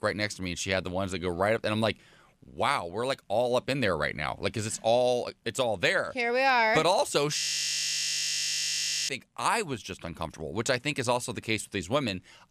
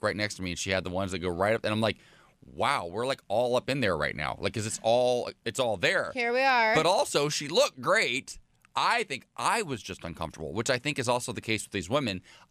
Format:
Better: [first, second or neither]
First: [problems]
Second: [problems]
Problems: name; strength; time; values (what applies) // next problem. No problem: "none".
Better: second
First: audio freezing; at 7.5 s for 1.5 s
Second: none